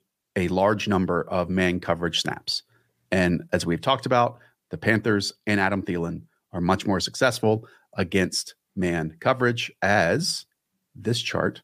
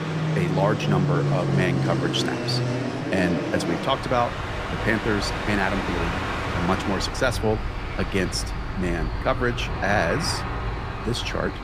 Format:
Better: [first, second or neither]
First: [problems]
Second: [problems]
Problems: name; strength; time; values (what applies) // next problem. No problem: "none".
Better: first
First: none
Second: train or aircraft noise; loud; throughout; 1 dB below the speech